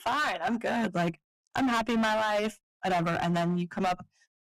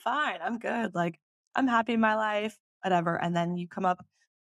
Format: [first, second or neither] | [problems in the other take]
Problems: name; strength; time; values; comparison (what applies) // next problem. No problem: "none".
second | distortion; heavy; 16% of the sound clipped